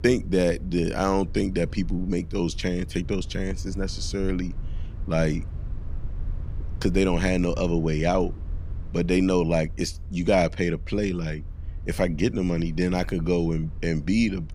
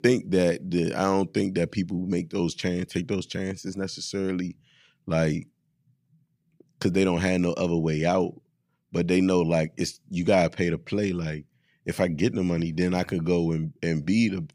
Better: second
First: low rumble; faint; throughout; 25 dB below the speech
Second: none

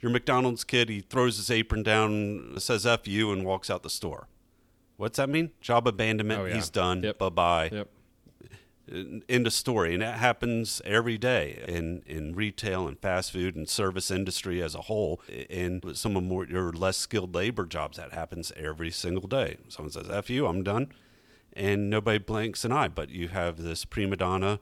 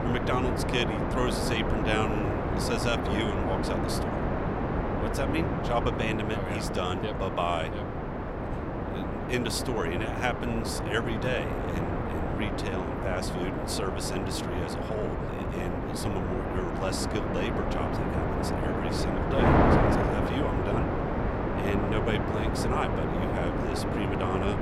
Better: first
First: none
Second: wind noise on the microphone; heavy; 2 dB above the speech

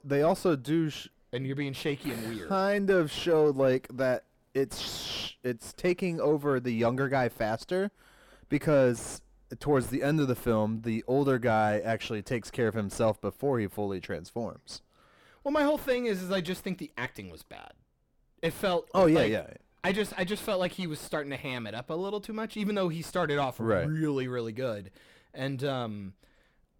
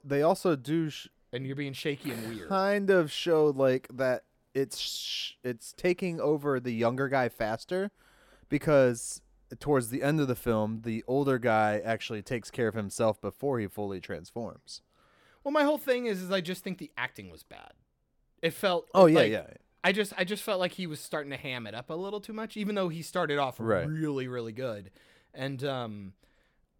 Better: second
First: distortion; slight; 10 dB below the speech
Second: none

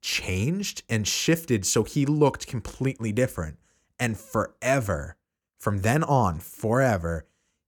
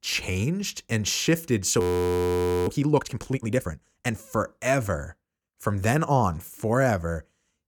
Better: first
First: none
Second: audio freezing; at 2 s for 1 s

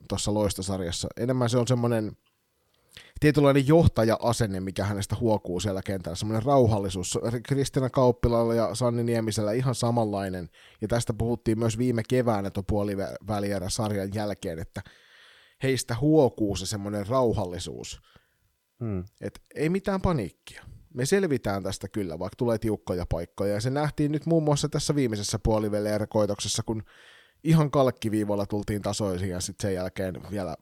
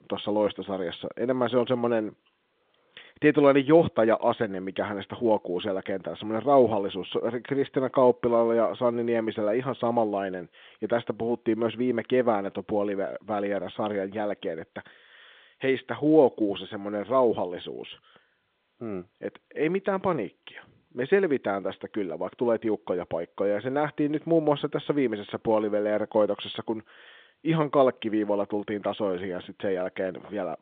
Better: first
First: none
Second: phone-call audio; nothing above 3.5 kHz

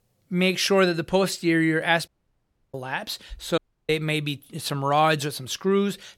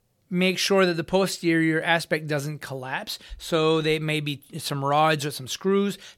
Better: second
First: audio cutting out; at 2 s for 0.5 s and at 3.5 s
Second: none

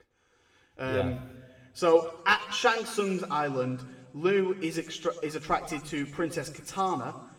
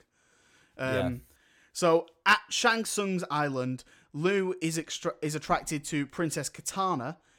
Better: second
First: room echo; slight; dies away in 1.7 s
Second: none

